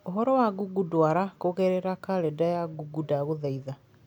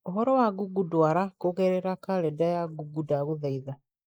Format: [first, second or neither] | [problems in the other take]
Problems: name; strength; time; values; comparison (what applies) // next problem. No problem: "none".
first | noise reduction (neural mask model Resemble Enhance denoiser)